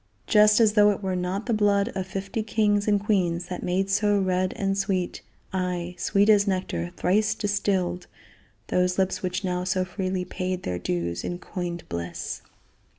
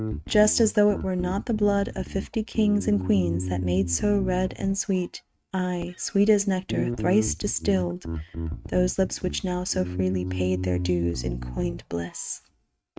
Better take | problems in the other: first | noise reduction (neural mask model RNNoise)

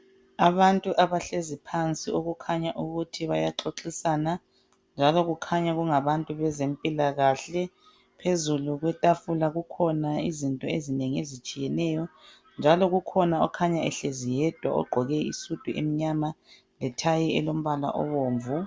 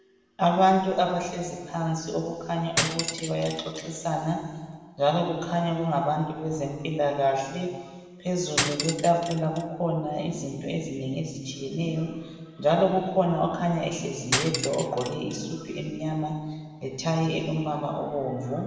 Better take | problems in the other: first | background sound (Cutlery, silverware); 4 dB below the speech // room echo; dies away in 1.5 s

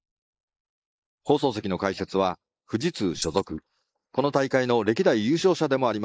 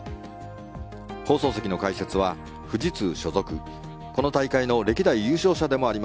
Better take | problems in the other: second | noise reduction (neural mask model Resemble Enhance denoiser)

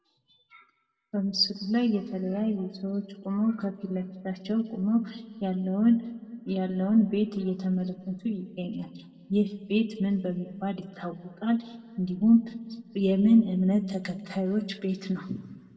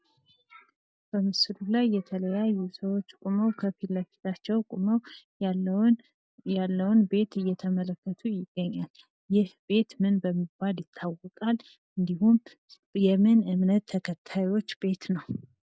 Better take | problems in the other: second | room echo; dies away in 1.1 s

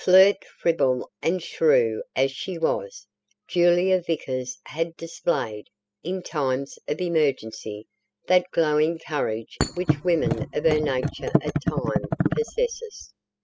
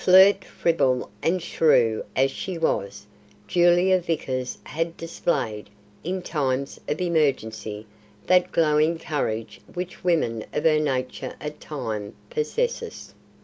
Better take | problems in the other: second | noise reduction (classical method spectral subtraction)

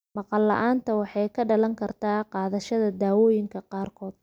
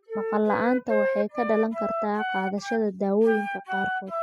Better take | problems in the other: first | noise reduction (classical method spectral subtraction)

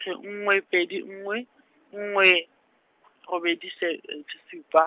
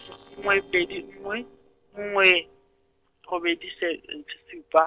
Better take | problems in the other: first | noise reduction (neural separator model SepFormer DNS4)

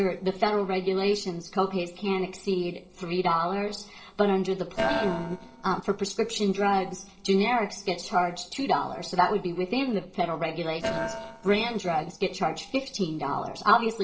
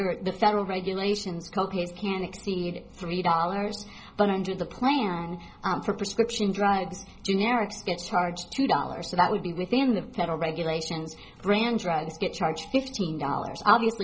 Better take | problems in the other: second | noise reduction (neural separator model SepFormer DNS4)

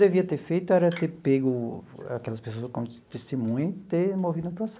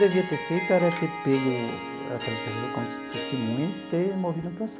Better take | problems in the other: first | background sound (Harp); 7 dB below the speech

